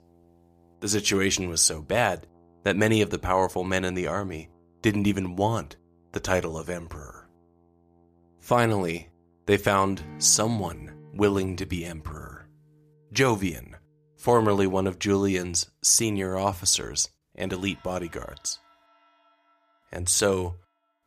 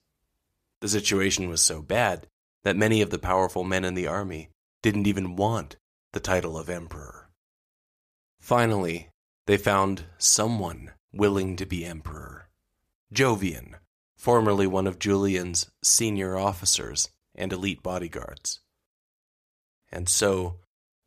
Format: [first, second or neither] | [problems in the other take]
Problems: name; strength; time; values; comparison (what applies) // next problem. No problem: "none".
second | background music; faint; throughout; 30 dB below the speech